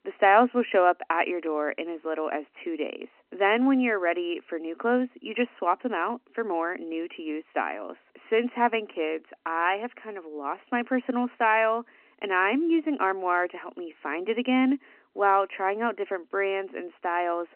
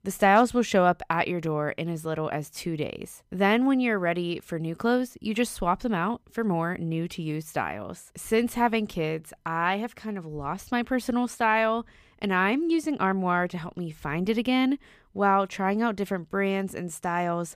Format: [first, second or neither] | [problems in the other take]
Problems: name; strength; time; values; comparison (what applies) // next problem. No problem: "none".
second | phone-call audio